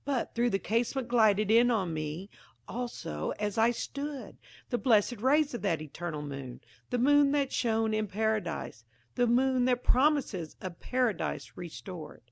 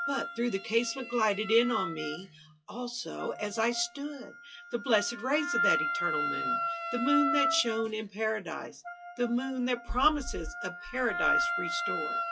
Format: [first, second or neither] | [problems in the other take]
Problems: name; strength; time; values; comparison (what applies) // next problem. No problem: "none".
first | noise reduction (classical method WPE with log-MMSE)